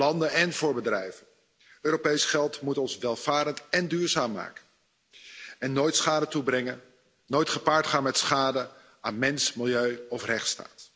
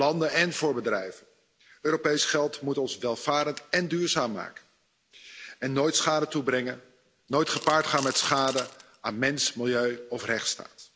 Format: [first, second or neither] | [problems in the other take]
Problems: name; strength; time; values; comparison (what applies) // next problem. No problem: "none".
first | background sound (Coin (dropping) / Glass); 11 dB below the speech